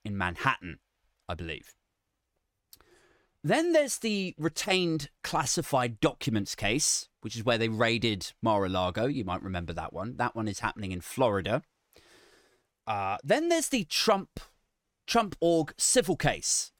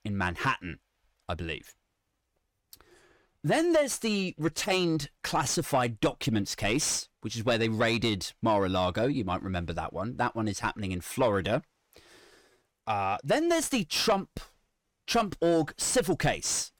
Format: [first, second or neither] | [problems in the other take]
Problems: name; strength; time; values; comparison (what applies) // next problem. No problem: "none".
first | distortion; slight; 10 dB below the speech